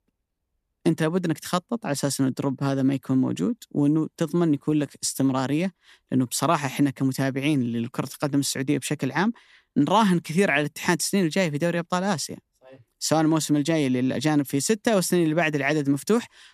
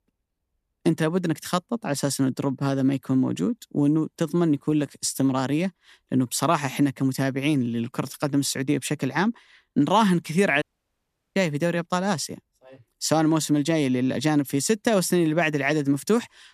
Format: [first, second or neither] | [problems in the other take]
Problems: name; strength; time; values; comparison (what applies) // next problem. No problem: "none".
first | audio cutting out; at 11 s for 0.5 s